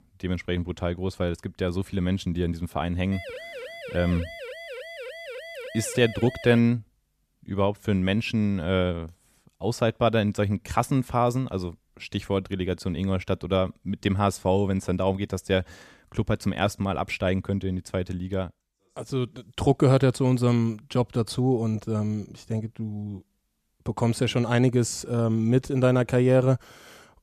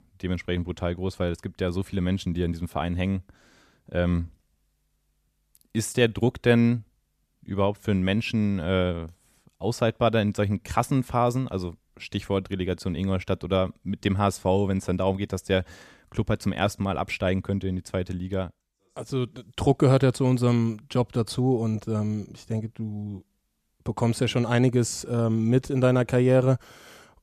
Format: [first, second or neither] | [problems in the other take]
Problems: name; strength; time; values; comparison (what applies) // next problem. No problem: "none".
second | siren; faint; from 3 to 6.5 s; peak 10 dB below the speech